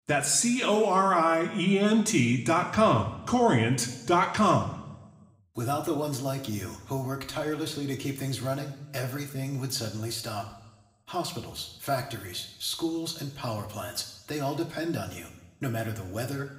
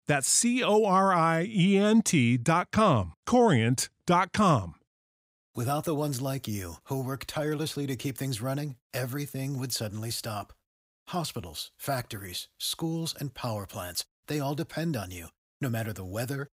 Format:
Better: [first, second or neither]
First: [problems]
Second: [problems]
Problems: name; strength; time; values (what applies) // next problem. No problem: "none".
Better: second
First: room echo; slight; dies away in 0.9 s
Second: none